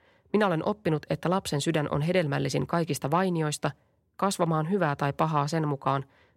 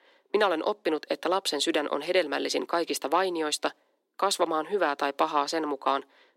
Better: first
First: none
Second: thin; somewhat; fading below 300 Hz

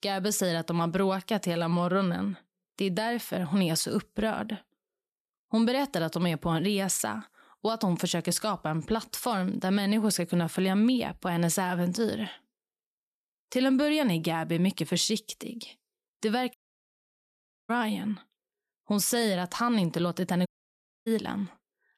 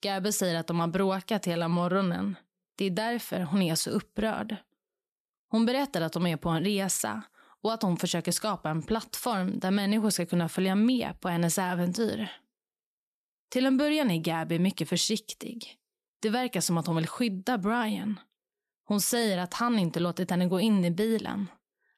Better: second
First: audio cutting out; at 17 s for 1 s and at 20 s for 0.5 s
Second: none

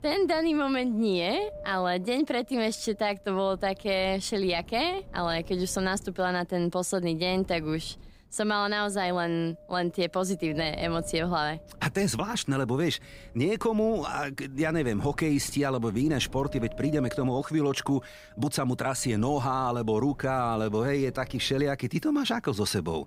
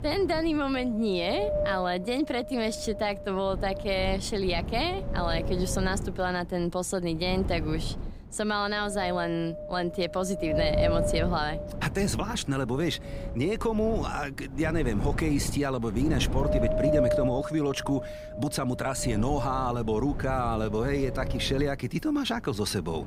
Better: first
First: wind noise on the microphone; occasional gusts; 20 dB below the speech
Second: wind noise on the microphone; heavy; 4 dB below the speech

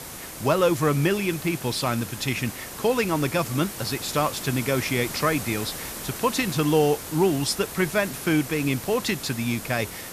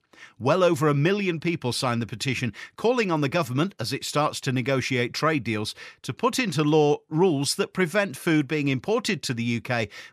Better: second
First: hiss; loud; throughout; 9 dB below the speech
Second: none

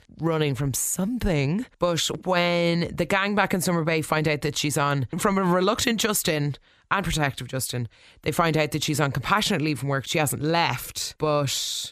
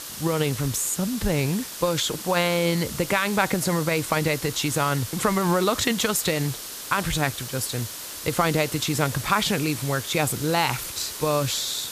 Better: first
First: none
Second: hiss; loud; throughout; 9 dB below the speech

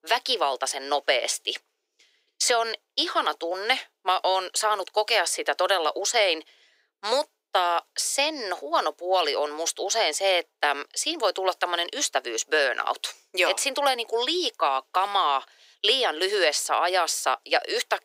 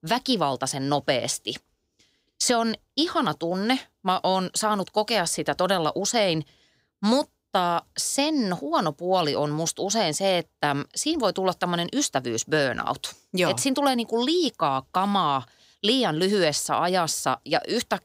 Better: second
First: thin; very; fading below 400 Hz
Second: none

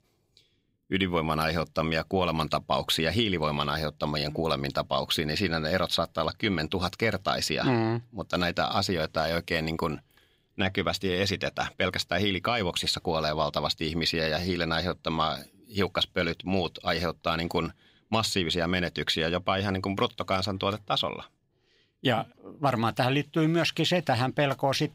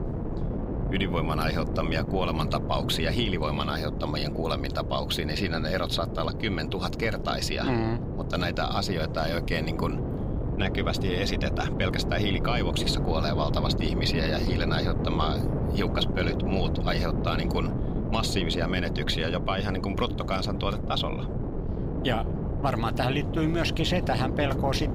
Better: first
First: none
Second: wind noise on the microphone; heavy; 7 dB below the speech

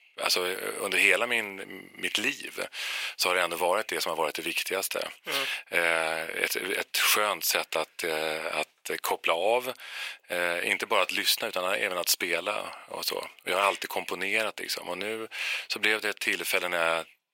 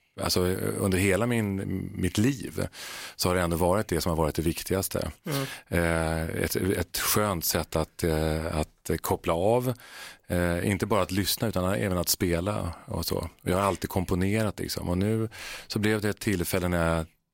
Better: second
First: thin; very; fading below 600 Hz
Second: none

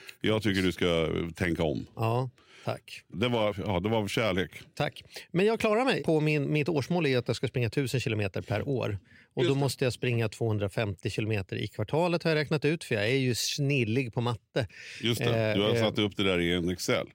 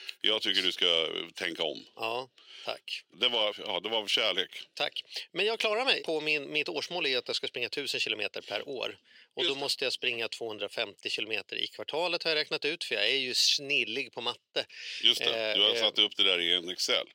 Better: first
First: none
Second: thin; somewhat; fading below 500 Hz

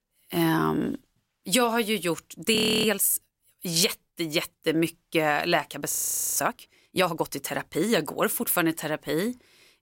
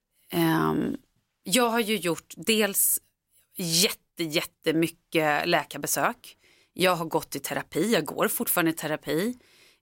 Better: second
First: audio freezing; at 2.5 s and at 6 s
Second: none

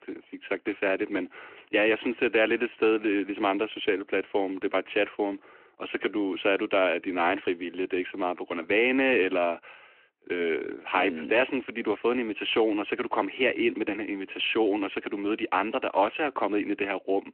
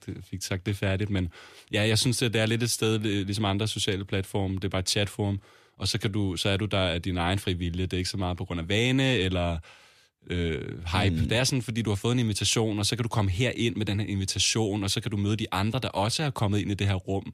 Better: second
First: phone-call audio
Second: none

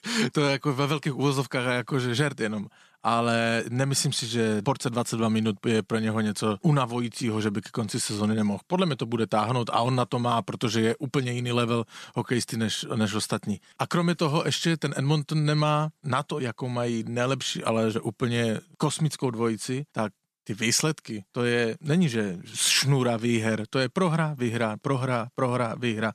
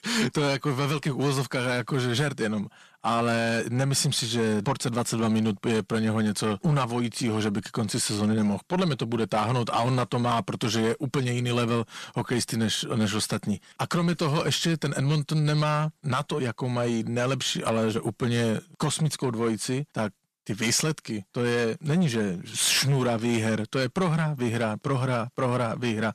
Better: first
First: none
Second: distortion; slight; 10 dB below the speech

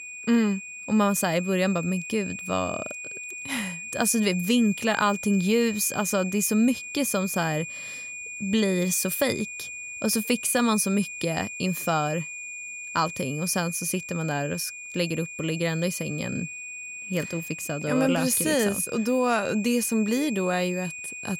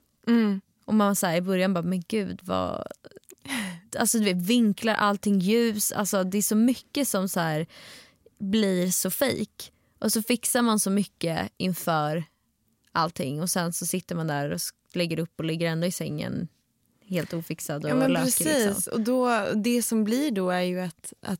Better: second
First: high-pitched whine; loud; throughout; 2.5 kHz, 9 dB below the speech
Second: none

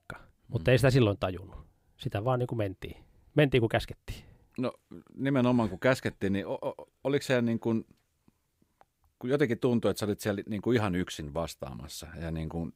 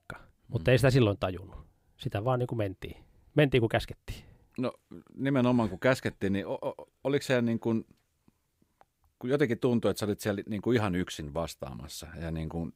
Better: neither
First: none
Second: none

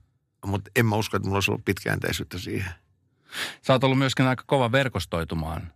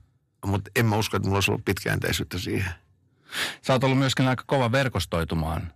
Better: first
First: none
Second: distortion; slight; 10 dB below the speech

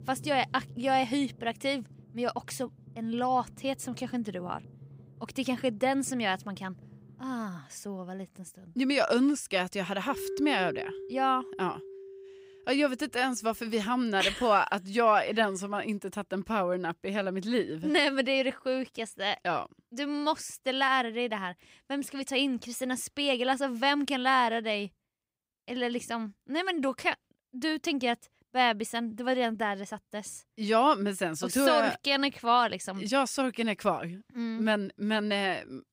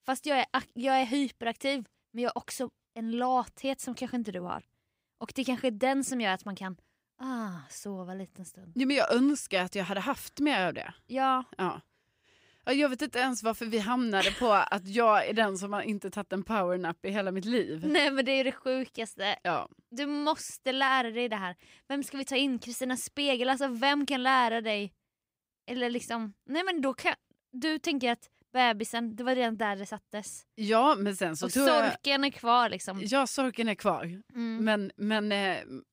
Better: second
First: background music; noticeable; until 15 s; 15 dB below the speech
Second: none

